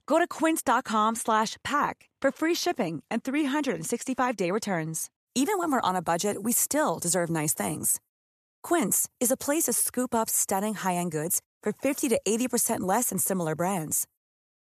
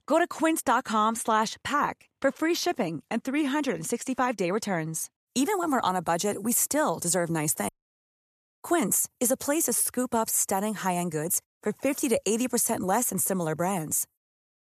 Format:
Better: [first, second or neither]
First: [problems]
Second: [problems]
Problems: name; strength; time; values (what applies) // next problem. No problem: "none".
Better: first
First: none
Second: audio cutting out; at 7.5 s